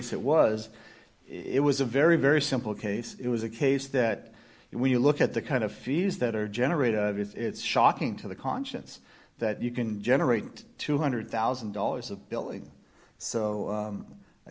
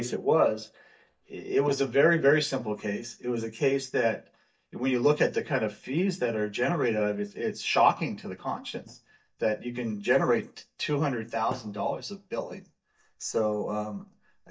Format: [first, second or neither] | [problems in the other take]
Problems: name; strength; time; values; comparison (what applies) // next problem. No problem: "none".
first | noise reduction (neural mask model DeepFilterNet 3)